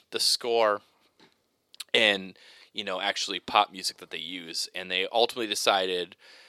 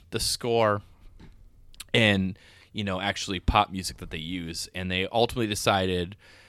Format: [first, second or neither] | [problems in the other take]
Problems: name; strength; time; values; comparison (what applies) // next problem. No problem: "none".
second | thin; somewhat; fading below 450 Hz